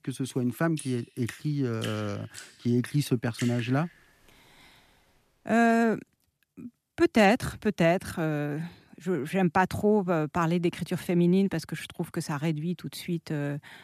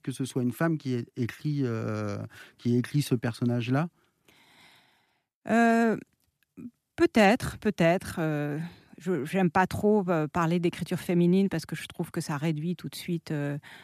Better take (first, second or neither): second